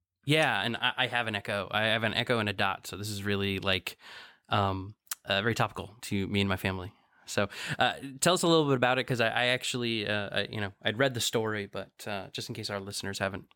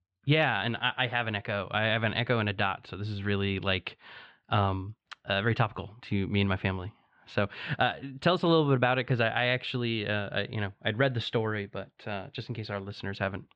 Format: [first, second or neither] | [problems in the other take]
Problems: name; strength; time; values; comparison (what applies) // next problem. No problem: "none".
first | muffled; slightly; fading above 3.5 kHz